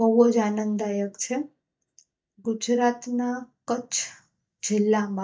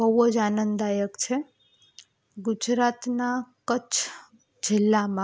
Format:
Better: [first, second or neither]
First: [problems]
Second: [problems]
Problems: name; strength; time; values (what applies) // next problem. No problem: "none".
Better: second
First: noise reduction (neural mask model DeepFilterNet 3)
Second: none